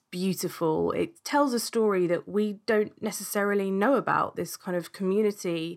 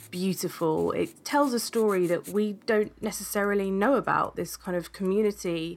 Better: first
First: none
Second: household noises; faint; throughout; 25 dB below the speech

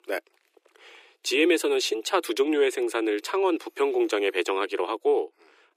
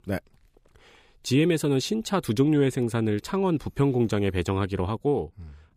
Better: second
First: thin; very; fading below 300 Hz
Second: none

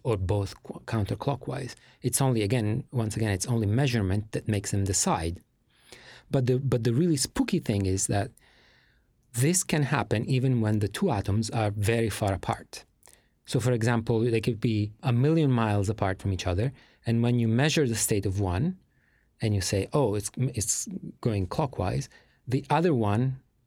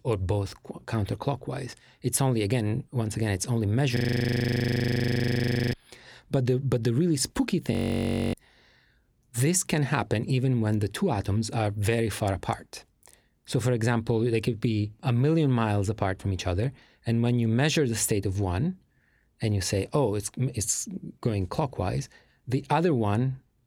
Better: first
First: none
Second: audio freezing; at 4 s for 2 s and at 7.5 s for 0.5 s

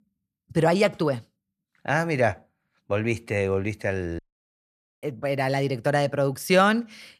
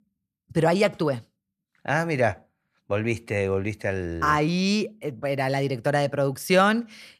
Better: second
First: audio cutting out; at 4 s for 1 s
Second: none

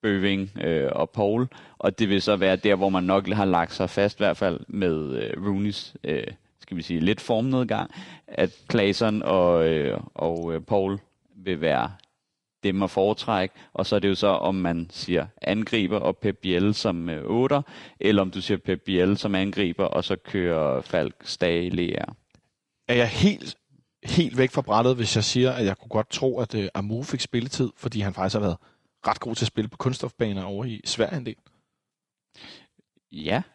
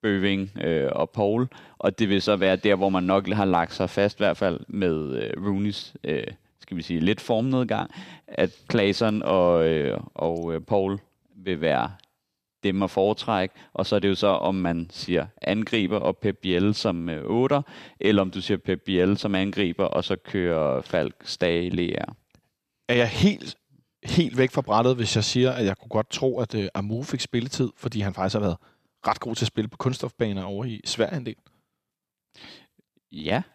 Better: second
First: garbled, watery; slightly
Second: none

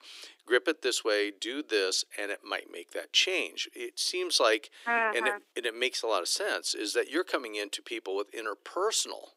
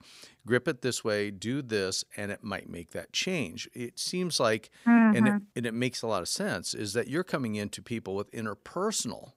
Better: second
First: thin; very; fading below 300 Hz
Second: none

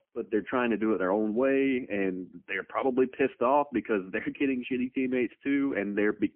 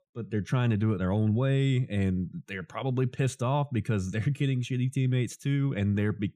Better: second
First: phone-call audio; poor line; nothing above 3 kHz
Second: none

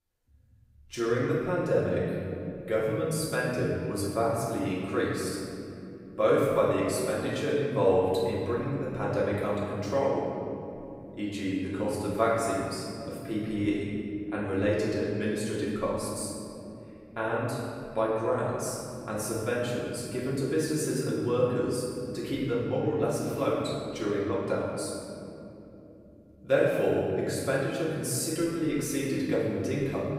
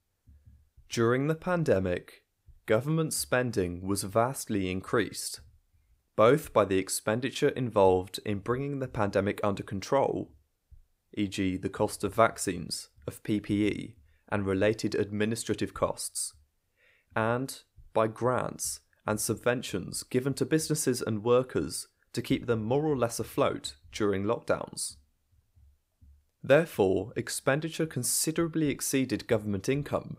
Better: second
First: room echo; strong; dies away in 2.7 s // off-mic speech; far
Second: none

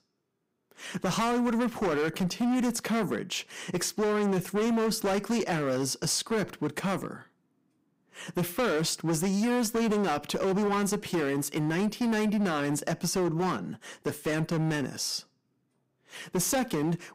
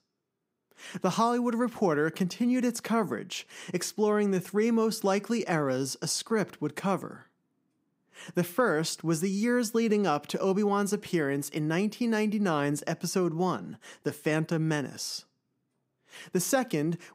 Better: second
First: distortion; heavy; 18% of the sound clipped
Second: none

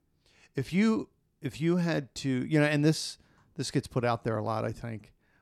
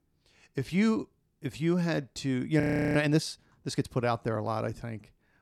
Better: first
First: none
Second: audio freezing; at 2.5 s

